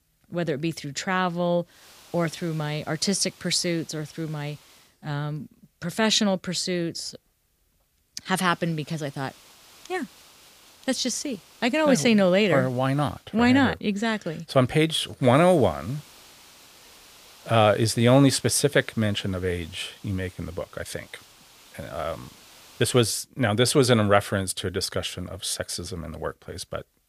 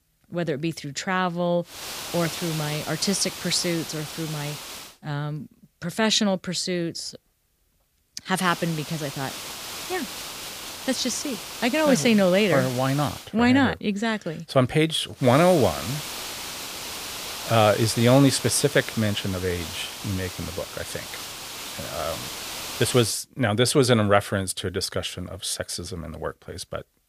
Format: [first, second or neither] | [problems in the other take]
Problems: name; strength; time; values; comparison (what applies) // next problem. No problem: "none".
first | hiss; loud; from 2 to 5 s, from 8.5 to 13 s and from 15 to 23 s; 9 dB below the speech; faint in the first